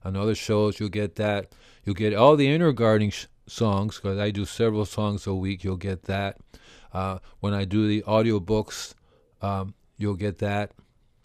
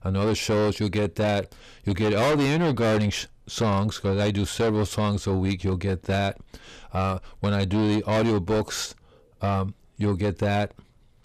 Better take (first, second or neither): first